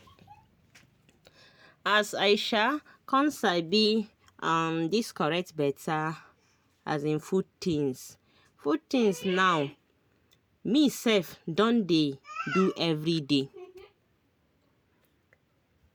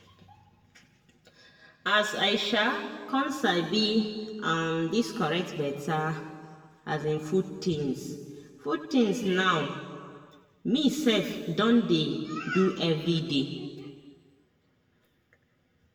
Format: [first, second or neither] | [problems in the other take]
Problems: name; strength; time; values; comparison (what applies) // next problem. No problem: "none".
first | room echo; dies away in 1.6 s